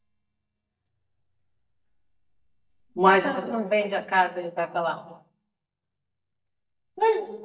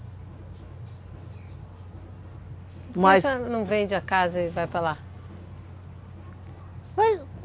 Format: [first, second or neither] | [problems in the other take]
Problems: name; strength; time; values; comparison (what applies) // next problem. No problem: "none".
second | noise reduction (neural mask model DeepFilterNet 3)